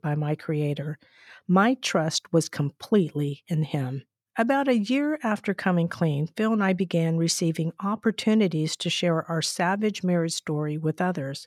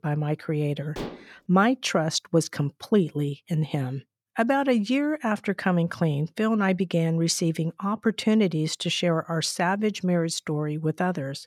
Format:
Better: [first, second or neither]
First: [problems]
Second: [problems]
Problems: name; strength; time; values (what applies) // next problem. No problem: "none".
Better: first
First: none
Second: clattering dishes; faint; at 1 s; peak 10 dB below the speech